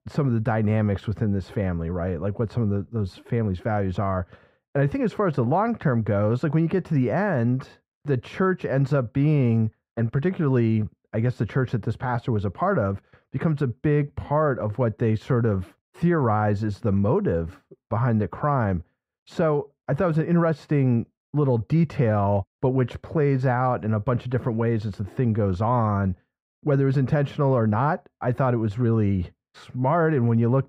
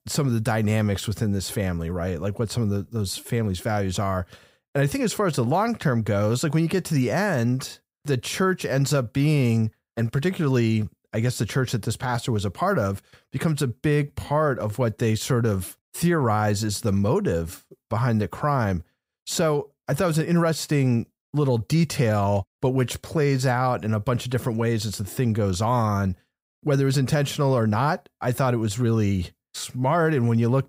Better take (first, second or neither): second